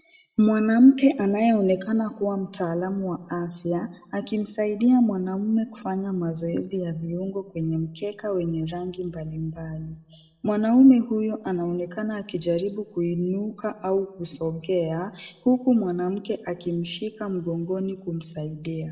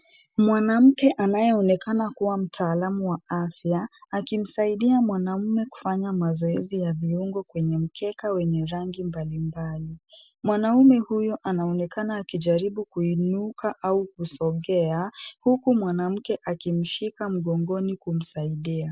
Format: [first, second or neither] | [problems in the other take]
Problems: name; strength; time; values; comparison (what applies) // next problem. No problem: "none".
second | room echo; dies away in 0.8 s